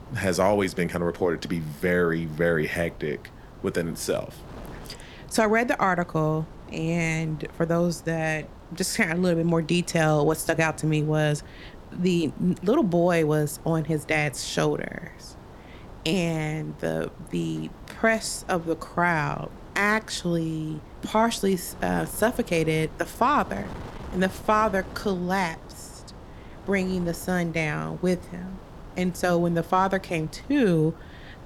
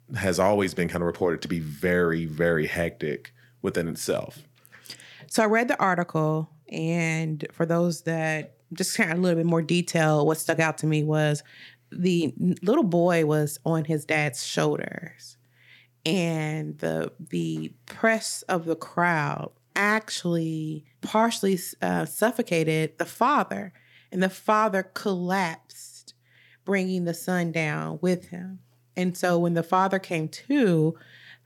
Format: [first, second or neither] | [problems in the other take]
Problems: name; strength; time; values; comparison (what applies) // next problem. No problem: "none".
second | wind noise on the microphone; occasional gusts; 20 dB below the speech